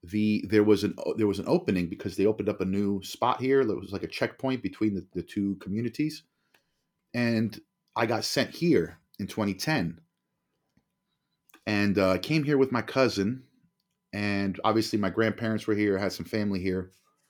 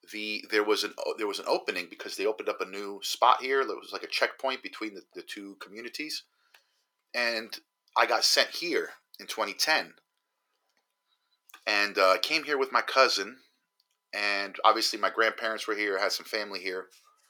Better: first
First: none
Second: thin; very; fading below 550 Hz

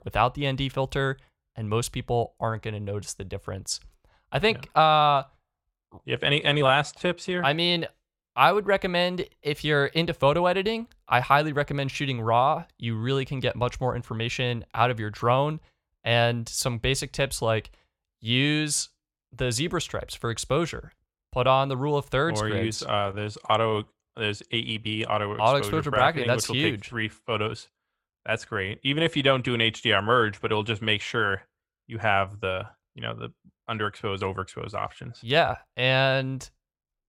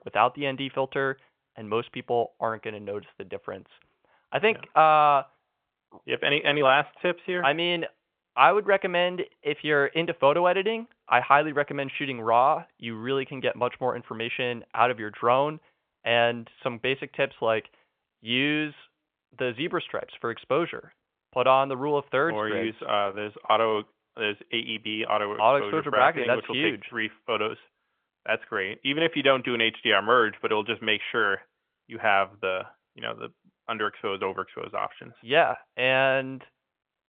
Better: first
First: none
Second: phone-call audio; nothing above 3.5 kHz

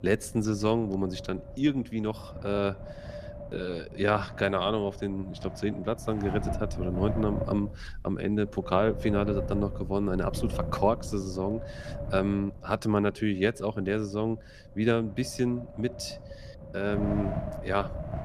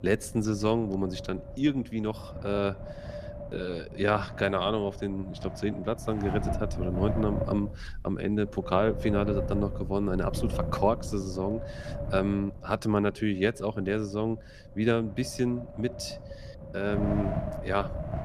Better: first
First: wind noise on the microphone; occasional gusts; 10 dB below the speech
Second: wind noise on the microphone; heavy; 9 dB below the speech

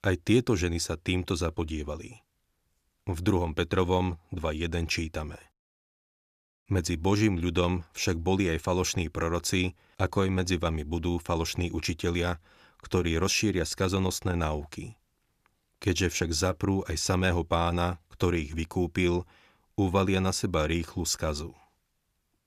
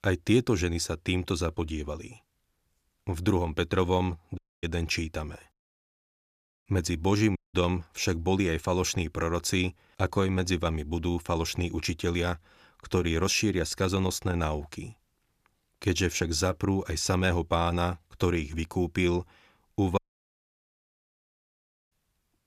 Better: first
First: none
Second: audio cutting out; at 4.5 s, at 7.5 s and at 20 s for 2 s

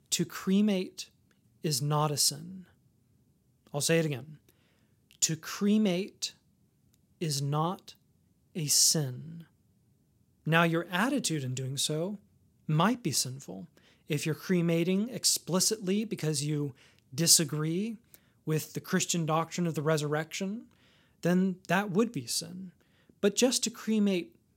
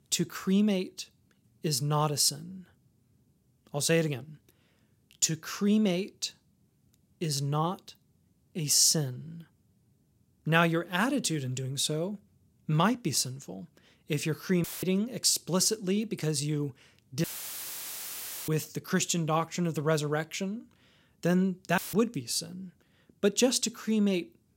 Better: first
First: none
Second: audio cutting out; filled with static; at 15 s, at 17 s for 1 s and at 22 s

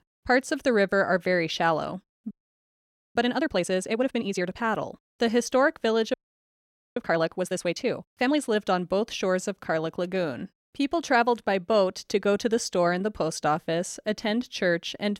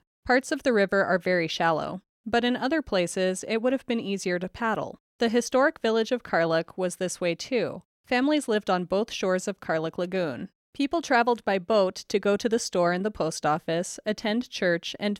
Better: second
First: audio freezing; at 2.5 s for 1 s and at 6 s for 1 s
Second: none

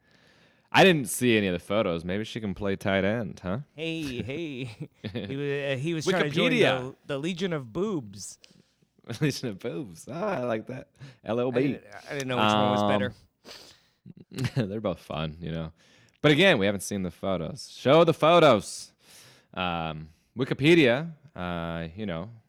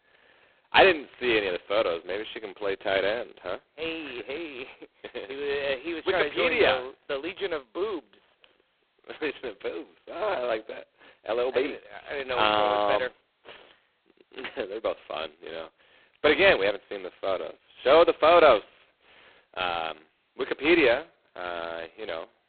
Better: first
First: none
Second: phone-call audio; poor line; nothing above 4 kHz

